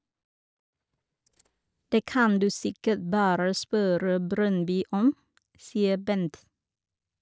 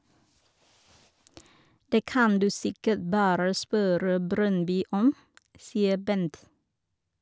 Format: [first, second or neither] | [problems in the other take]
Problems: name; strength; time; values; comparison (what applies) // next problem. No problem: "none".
second | noise reduction (neural mask model DeepFilterNet 3)